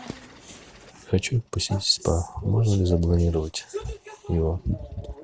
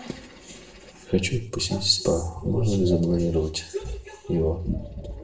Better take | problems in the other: first | room echo; dies away in 0.4 s

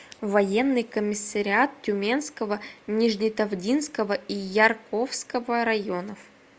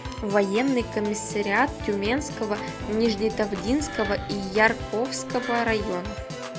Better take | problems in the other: first | background sound (Wood + Organ); 8 dB below the speech

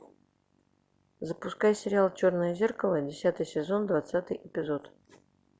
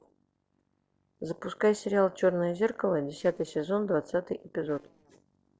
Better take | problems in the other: first | noise reduction (neural separator model SepFormer DNS4)

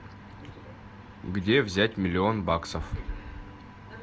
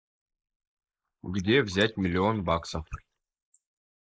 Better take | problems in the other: first | noise reduction (neural mask model Resemble Enhance denoiser)

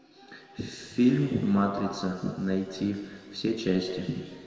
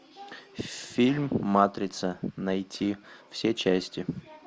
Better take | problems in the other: second | room echo; dies away in 2.1 s

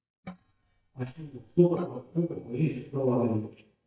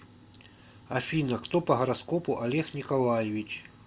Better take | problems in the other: second | noise reduction (neural mask model DeepFilterNet 3)

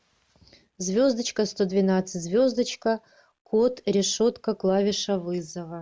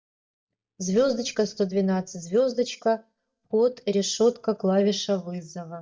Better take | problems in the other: first | noise reduction (neural mask model DeepFilterNet 3)

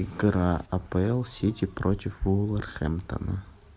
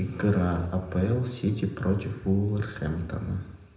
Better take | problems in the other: first | room echo; dies away in 0.8 s

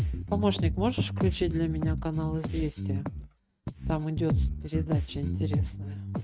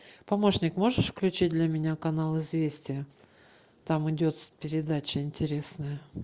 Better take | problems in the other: second | noise reduction (neural mask model RNNoise)

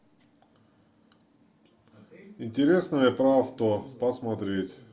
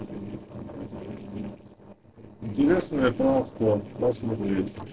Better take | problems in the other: first | noise reduction (neural separator model SepFormer DNS4)

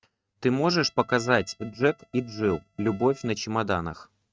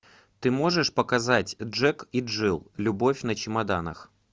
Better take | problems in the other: second | noise reduction (neural mask model RNNoise)

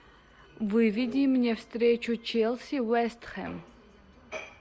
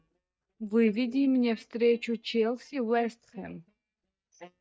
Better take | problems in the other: first | noise reduction (neural mask model DeepFilterNet 3)

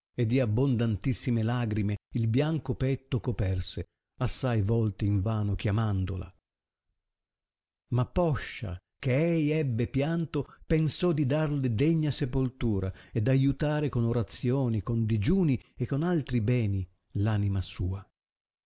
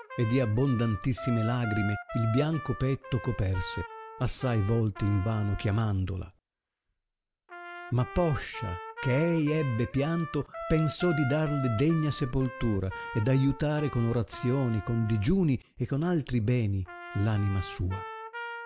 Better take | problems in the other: first | background sound (Trumpet); 13 dB below the speech

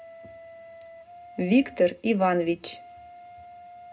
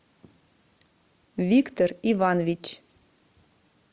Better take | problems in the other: second | background sound (Wind instrument, woodwind instrument); 19 dB below the speech // room echo; dies away in 0.2 s

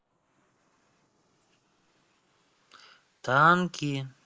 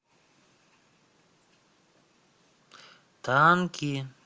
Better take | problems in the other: second | noise reduction (neural mask model Resemble Enhance denoiser)

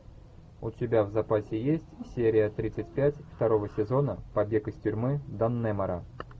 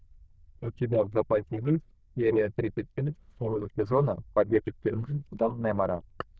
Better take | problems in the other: first | noise reduction (neural diffusion model UNIVERSE++)

